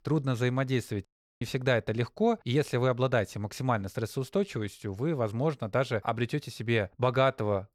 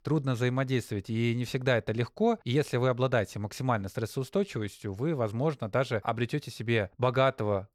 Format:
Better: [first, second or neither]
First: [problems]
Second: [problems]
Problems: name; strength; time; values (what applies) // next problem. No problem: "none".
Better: second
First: audio cutting out; at 1 s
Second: none